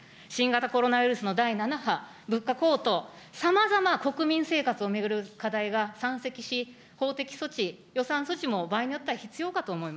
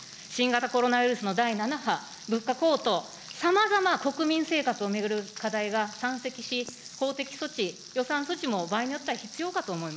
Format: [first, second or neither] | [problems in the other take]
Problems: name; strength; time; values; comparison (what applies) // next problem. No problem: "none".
first | background sound (Frying (food)); 17 dB below the speech